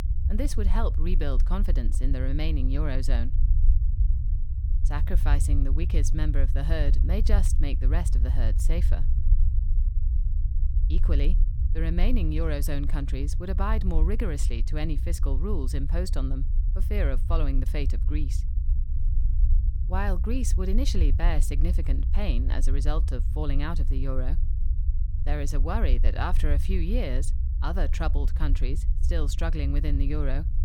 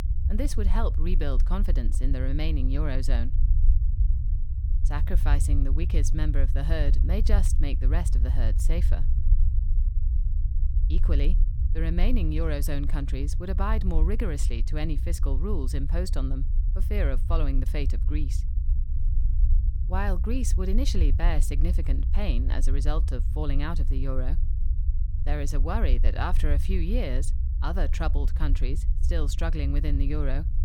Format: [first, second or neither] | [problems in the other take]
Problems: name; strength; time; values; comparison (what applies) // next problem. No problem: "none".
neither | low rumble; noticeable; throughout; 10 dB below the speech; the same in both